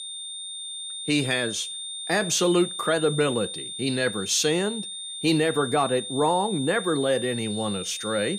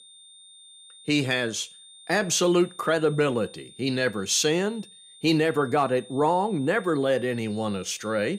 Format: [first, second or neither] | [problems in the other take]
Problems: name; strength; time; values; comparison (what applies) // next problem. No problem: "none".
second | high-pitched whine; loud; throughout; 3.5 kHz, 7 dB below the speech; faint in the second